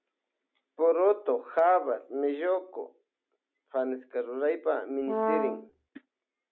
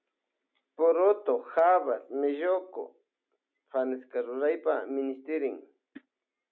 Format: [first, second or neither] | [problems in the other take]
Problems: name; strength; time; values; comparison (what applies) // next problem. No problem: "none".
second | background sound (Brass instrument); 1 dB below the speech